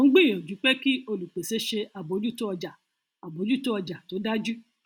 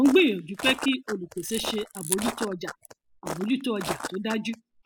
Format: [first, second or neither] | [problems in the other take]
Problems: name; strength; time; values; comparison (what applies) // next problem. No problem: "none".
first | noise reduction (classical method spectral subtraction)